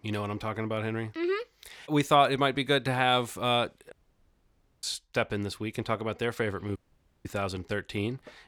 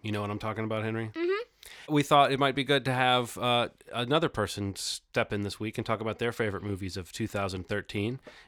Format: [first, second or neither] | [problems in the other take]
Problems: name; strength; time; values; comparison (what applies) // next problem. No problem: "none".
second | audio cutting out; at 4 s for 1 s and at 7 s